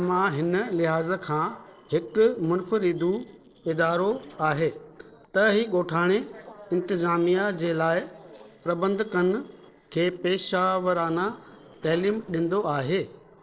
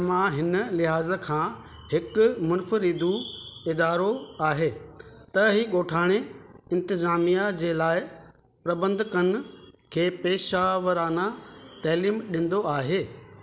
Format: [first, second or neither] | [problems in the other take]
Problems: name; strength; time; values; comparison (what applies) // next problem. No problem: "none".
second | noise reduction (neural separator model SepFormer DNS4)